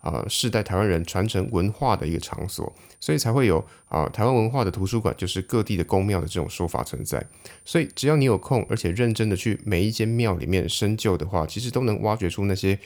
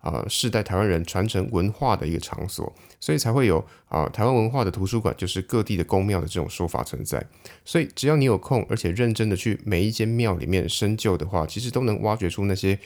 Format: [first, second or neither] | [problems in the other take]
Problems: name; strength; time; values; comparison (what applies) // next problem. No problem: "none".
second | high-pitched whine; faint; until 10 s; 9 kHz, 30 dB below the speech